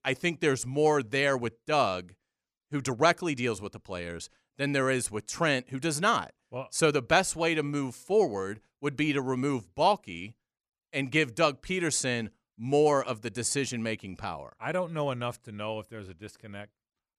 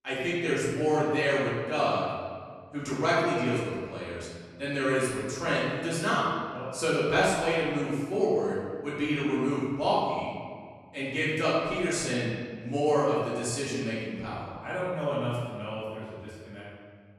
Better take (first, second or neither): first